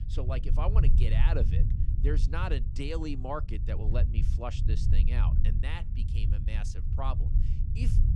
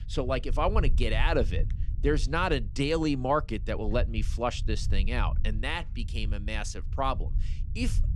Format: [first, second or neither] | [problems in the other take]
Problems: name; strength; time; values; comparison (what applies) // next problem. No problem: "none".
second | low rumble; loud; throughout; 7 dB below the speech; faint in the second